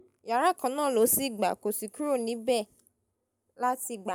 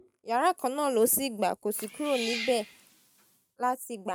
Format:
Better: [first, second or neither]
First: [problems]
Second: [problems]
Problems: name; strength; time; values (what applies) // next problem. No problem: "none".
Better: first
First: none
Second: noise reduction (neural mask model RNNoise)